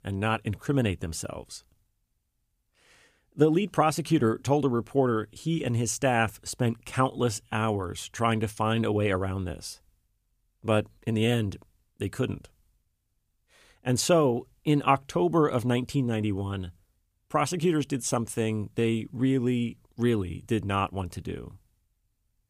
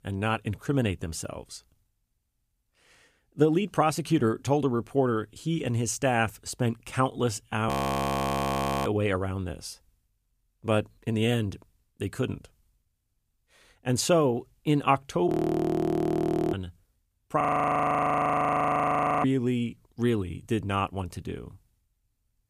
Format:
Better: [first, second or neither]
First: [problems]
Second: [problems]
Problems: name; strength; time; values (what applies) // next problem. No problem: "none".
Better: first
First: none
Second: audio freezing; at 7.5 s for 1 s, at 15 s for 1 s and at 17 s for 2 s